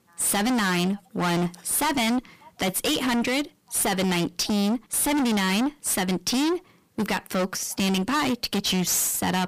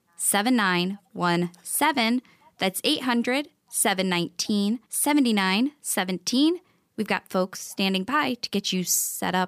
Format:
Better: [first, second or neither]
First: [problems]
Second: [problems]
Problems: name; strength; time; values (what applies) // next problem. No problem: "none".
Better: second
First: distortion; heavy; 36% of the sound clipped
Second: none